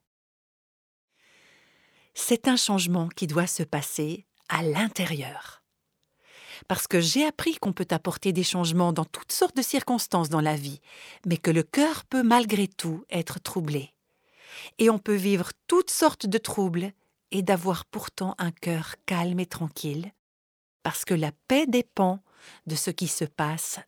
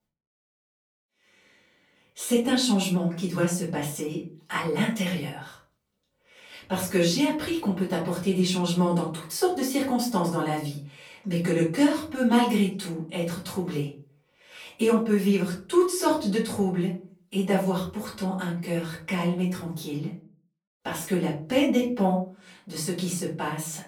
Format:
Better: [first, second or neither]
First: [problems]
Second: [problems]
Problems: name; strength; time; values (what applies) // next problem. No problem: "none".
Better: first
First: none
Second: off-mic speech; far // room echo; slight; dies away in 0.4 s